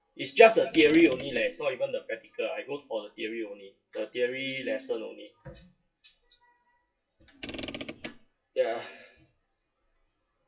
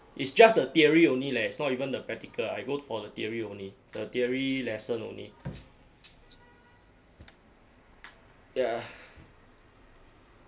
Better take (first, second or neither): second